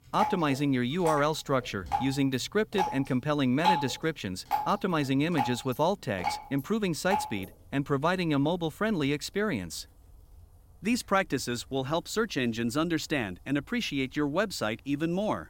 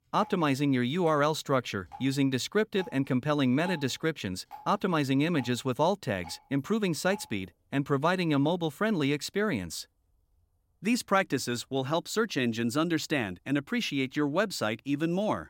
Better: second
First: rain or running water; loud; throughout; 4 dB below the speech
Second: rain or running water; faint; throughout; 20 dB below the speech

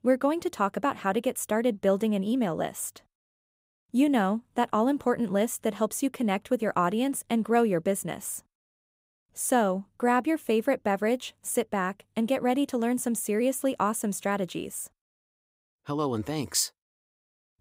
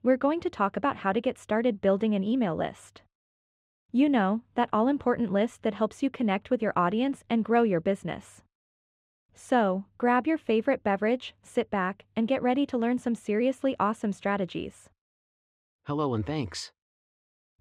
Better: first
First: none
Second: muffled; slightly; fading above 3 kHz

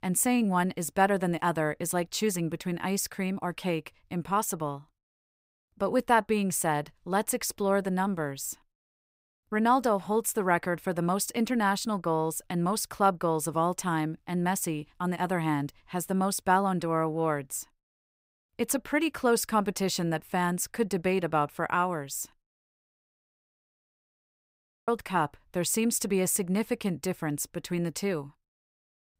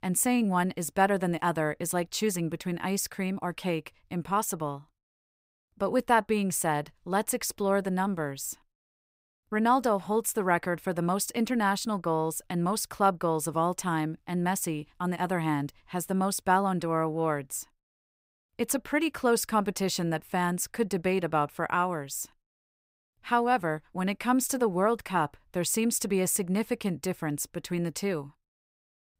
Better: second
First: audio freezing; at 23 s for 2 s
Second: none

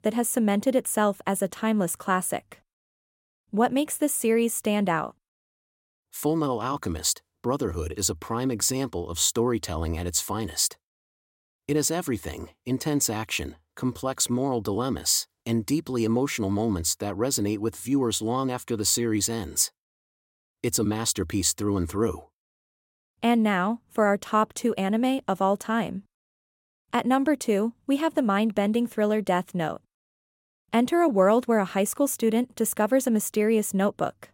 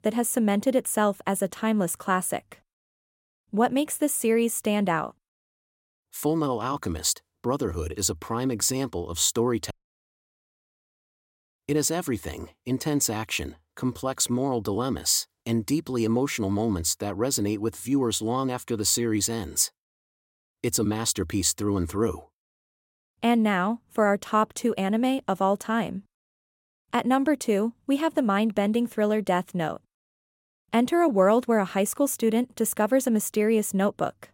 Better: first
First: none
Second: audio cutting out; at 9.5 s for 1 s

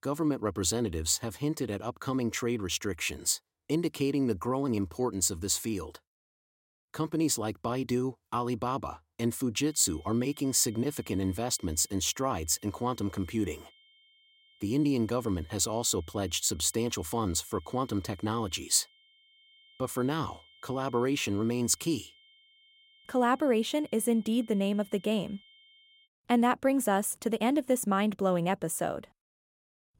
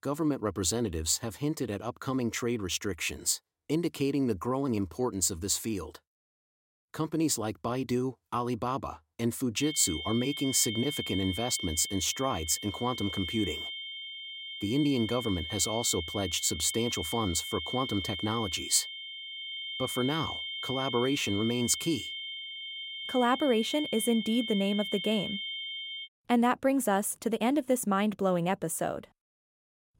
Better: first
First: high-pitched whine; faint; from 9.5 to 26 s; 3 kHz, 30 dB below the speech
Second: high-pitched whine; loud; from 9.5 to 26 s; 3 kHz, 6 dB below the speech

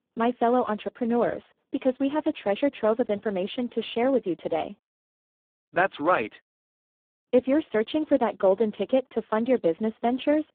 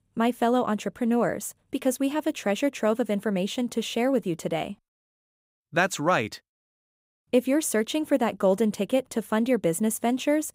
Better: second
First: phone-call audio; poor line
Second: none

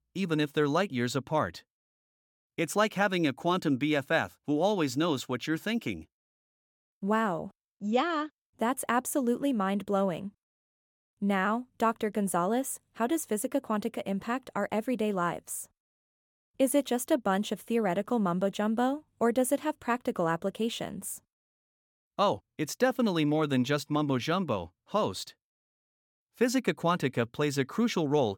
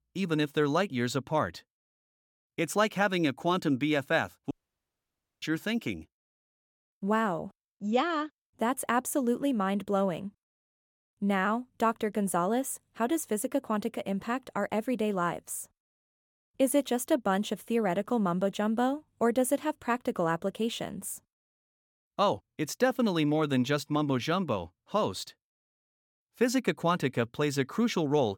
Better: first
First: none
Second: audio cutting out; at 4.5 s for 1 s

